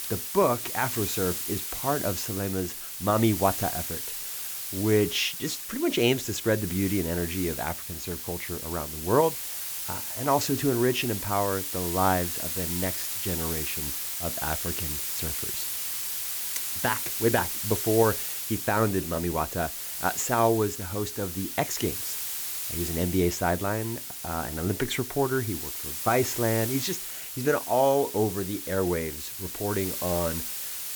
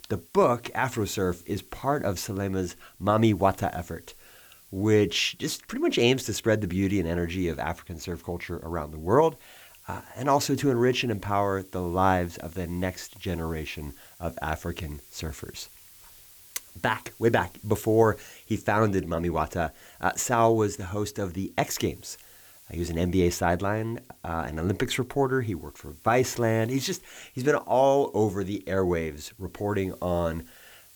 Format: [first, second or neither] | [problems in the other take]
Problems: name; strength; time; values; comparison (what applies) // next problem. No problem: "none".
second | hiss; loud; throughout; 3 dB below the speech; faint in the second